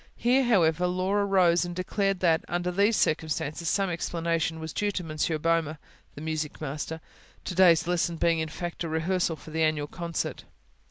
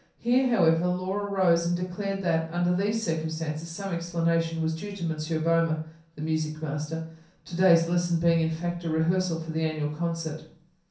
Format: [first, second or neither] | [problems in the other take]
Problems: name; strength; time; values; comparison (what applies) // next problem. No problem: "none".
first | room echo; dies away in 0.6 s